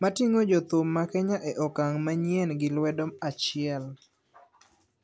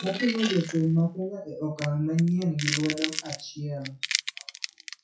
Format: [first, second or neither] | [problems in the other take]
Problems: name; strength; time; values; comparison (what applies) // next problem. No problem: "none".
first | noise reduction (classical method WPE with log-MMSE)